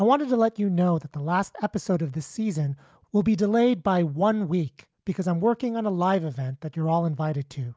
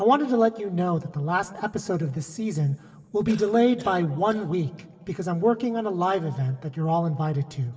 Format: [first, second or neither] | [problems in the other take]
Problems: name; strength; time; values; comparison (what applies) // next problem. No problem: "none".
first | background sound (Cough); 20 dB below the speech // room echo; dies away in 1.7 s